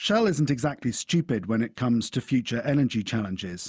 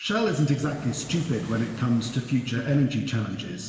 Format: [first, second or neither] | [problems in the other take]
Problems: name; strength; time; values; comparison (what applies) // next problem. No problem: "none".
first | background sound (Waves, surf); 20 dB below the speech // room echo; dies away in 2.6 s